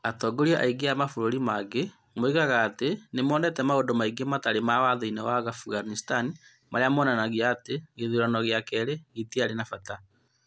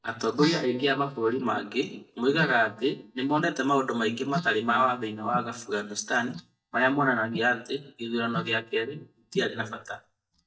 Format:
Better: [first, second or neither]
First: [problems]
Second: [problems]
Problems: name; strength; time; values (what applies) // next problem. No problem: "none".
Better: first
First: none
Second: noise reduction (neural mask model DeepFilterNet 3)